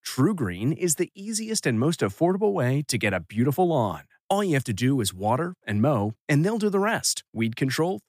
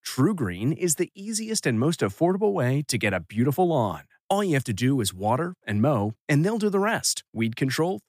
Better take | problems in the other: neither | none

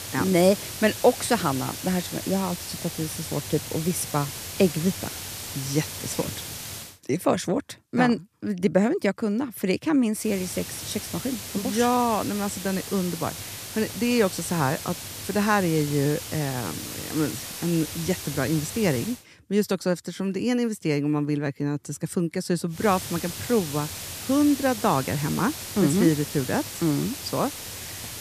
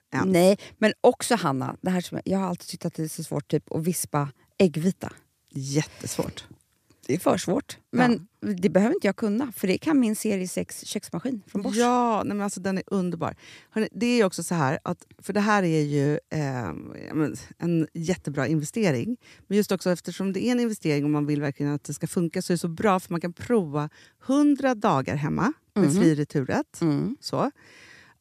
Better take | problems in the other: second | hiss; loud; until 7 s, from 10 to 19 s and from 23 s on; 8 dB below the speech

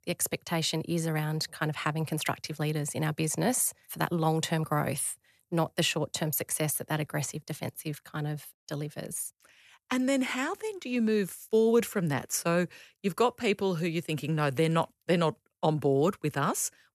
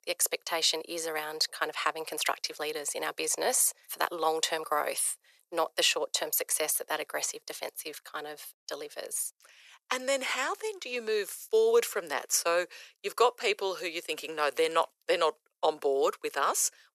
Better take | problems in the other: first | thin; very; fading below 450 Hz

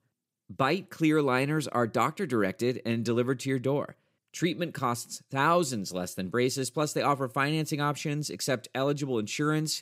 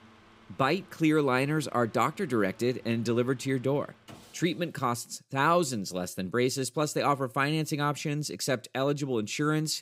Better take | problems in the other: first | machinery noise; faint; until 4.5 s; 25 dB below the speech

